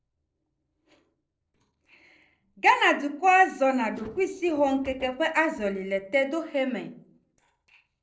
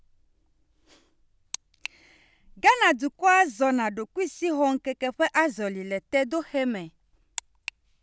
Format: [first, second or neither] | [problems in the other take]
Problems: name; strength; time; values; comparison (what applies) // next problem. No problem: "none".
second | noise reduction (neural separator model SepFormer DNS4)